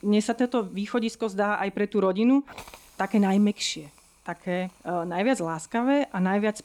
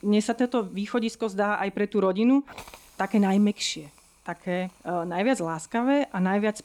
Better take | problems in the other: neither | hiss; faint; throughout; 25 dB below the speech; the same in both

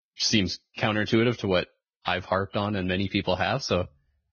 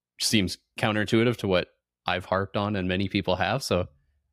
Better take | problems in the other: second | garbled, watery; badly; nothing above 6.5 kHz

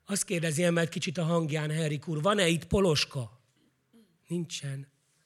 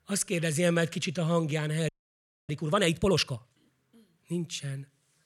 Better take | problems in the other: first | audio freezing; at 2 s for 0.5 s

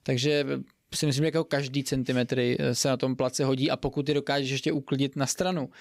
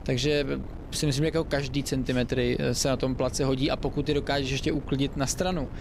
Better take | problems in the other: first | wind noise on the microphone; occasional gusts; 20 dB below the speech

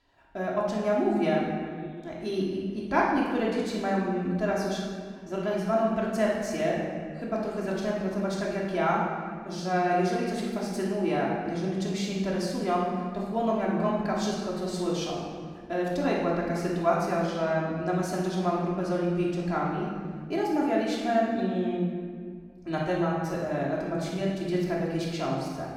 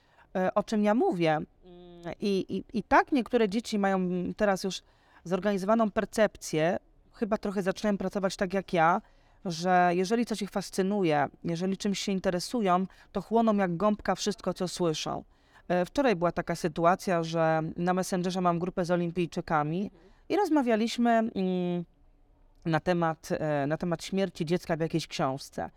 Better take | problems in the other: second | off-mic speech; far // room echo; strong; dies away in 1.6 s

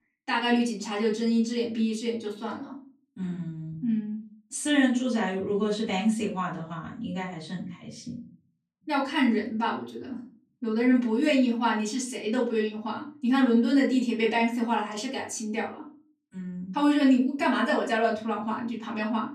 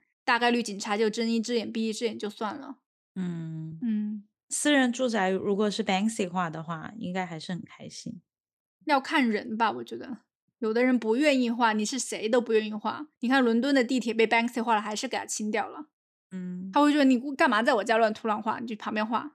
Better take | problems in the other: second | off-mic speech; far // room echo; slight; dies away in 0.4 s

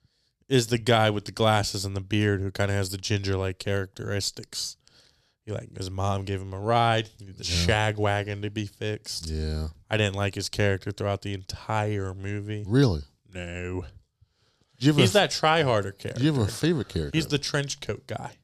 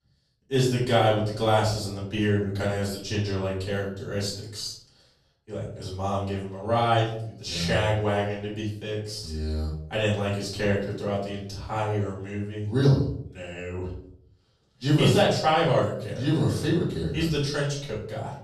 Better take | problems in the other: first | off-mic speech; far // room echo; noticeable; dies away in 0.6 s

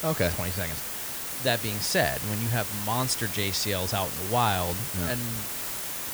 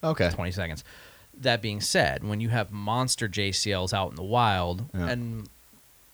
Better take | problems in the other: second | hiss; loud; throughout; 2 dB below the speech; faint in the second

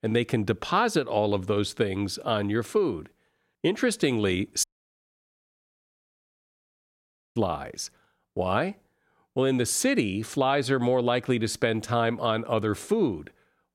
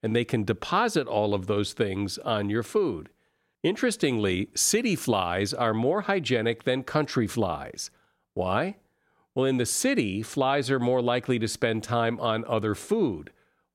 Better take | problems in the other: second | audio cutting out; at 4.5 s for 2.5 s

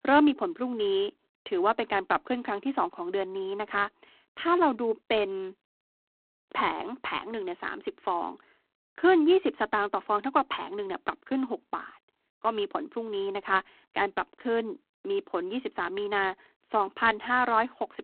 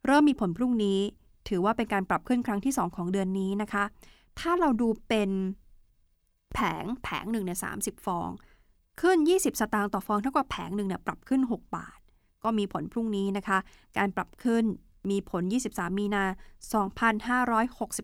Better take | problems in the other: second | phone-call audio; poor line

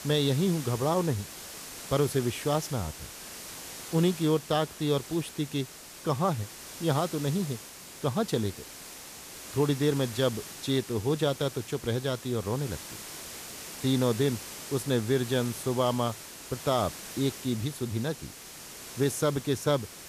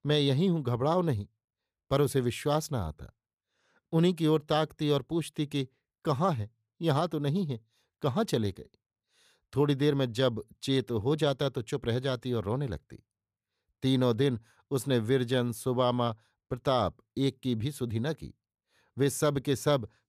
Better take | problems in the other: second | hiss; noticeable; throughout; 10 dB below the speech

